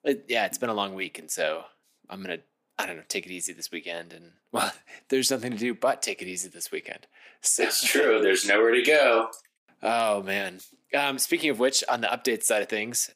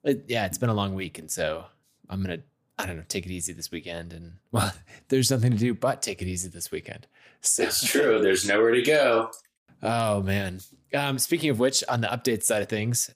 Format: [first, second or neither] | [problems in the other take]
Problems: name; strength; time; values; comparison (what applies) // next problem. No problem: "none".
second | thin; somewhat; fading below 250 Hz